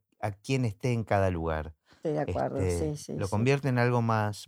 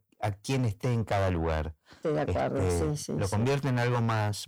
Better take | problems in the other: first | distortion; heavy; 7 dB below the speech

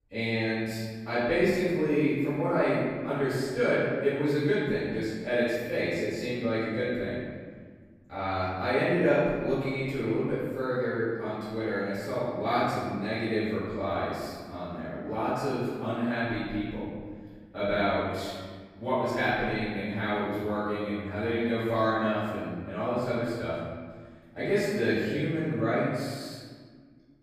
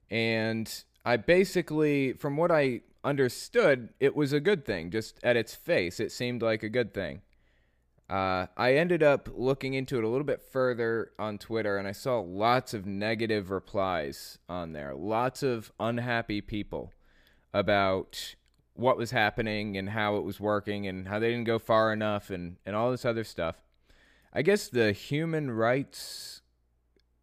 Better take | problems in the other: second | off-mic speech; far // room echo; strong; dies away in 1.6 s

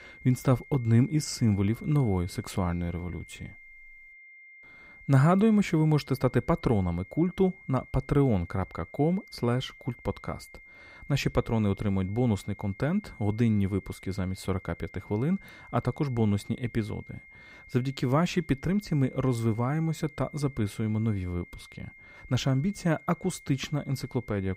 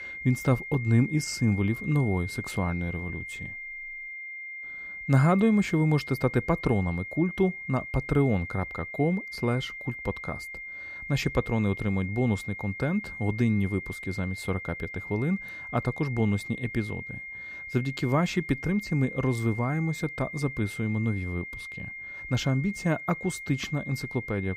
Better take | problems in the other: first | high-pitched whine; loud; throughout; 2 kHz, 9 dB below the speech; faint in the first

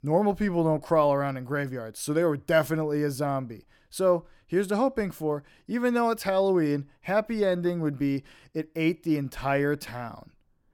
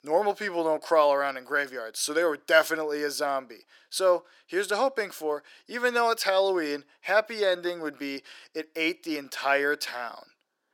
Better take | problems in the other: first | thin; somewhat; fading below 400 Hz

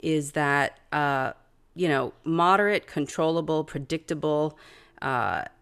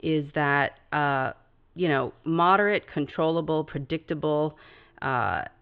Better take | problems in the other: first | muffled; very; fading above 3.5 kHz

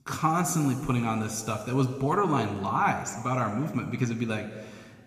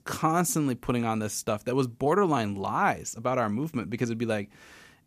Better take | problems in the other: second | room echo; slight; dies away in 1.9 s

